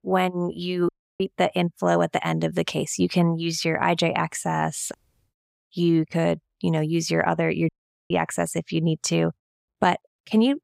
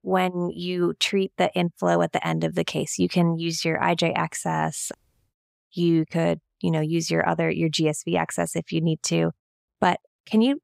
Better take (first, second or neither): second